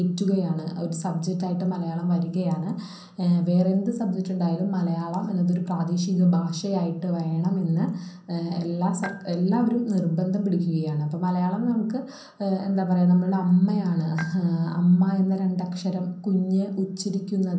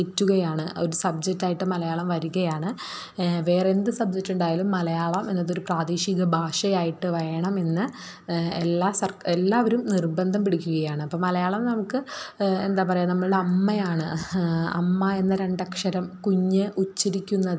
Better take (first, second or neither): second